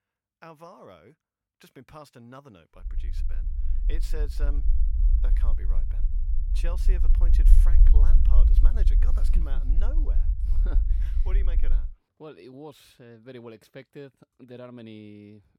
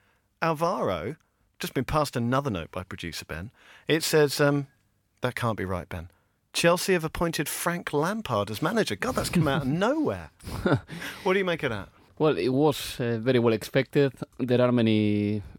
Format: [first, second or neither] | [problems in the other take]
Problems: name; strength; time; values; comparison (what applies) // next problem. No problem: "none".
second | low rumble; loud; from 3 to 12 s; 4 dB below the speech